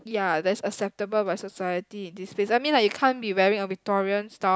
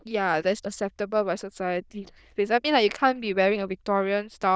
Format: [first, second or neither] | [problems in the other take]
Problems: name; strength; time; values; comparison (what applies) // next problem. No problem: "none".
first | noise reduction (neural diffusion model UNIVERSE++)